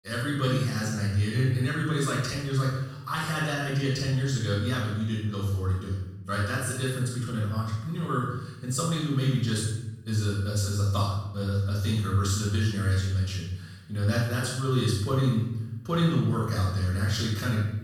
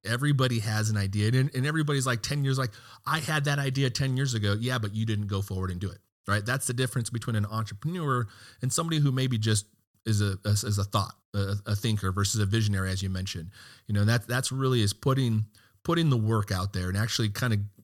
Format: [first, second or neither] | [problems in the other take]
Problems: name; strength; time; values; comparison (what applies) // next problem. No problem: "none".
second | room echo; noticeable; dies away in 0.8 s // off-mic speech; far